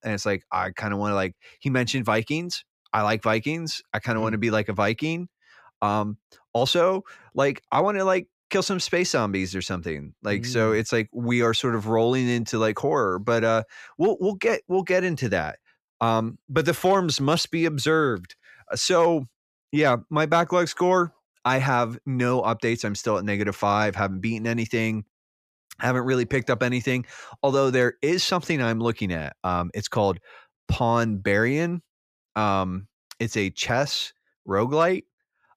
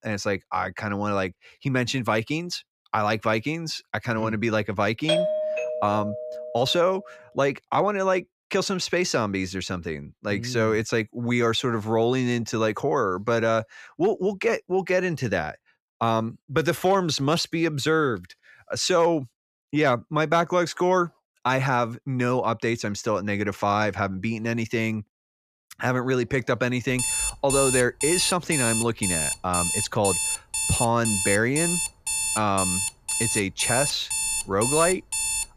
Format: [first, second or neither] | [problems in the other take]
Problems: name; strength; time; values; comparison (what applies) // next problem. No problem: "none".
first | doorbell; loud; from 5 to 6.5 s; peak 2 dB above the speech // alarm; loud; from 27 s on; peak 2 dB above the speech